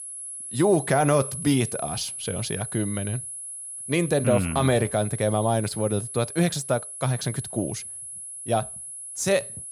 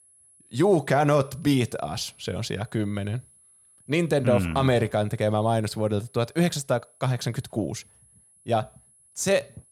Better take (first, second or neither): second